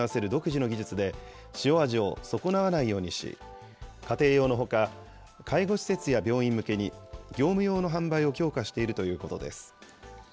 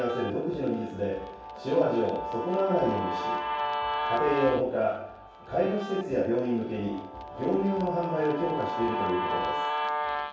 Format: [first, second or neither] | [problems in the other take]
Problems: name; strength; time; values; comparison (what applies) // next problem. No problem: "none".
first | background sound (Guitar); 4 dB below the speech // room echo; dies away in 0.7 s